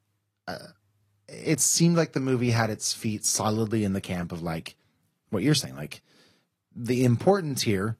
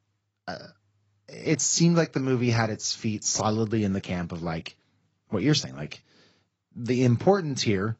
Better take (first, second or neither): first